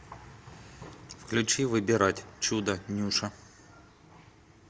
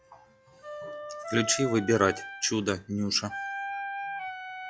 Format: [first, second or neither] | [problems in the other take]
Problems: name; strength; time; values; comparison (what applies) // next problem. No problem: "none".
first | noise reduction (classical method log-MMSE)